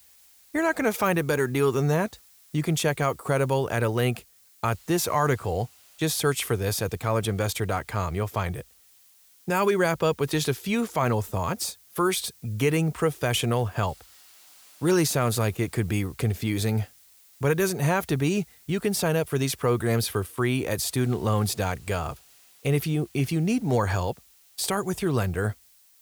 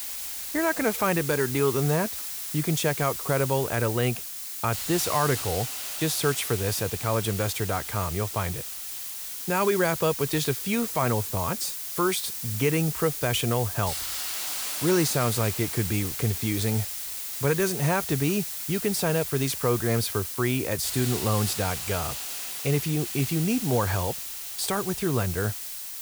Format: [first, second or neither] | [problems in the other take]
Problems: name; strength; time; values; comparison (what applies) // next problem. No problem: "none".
first | hiss; loud; throughout; 4 dB below the speech; faint in the first